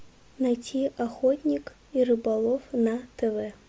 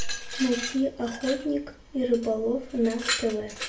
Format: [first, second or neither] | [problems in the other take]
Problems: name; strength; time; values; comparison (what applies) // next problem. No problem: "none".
first | background sound (Glass); 9 dB below the speech // room echo; dies away in 0.3 s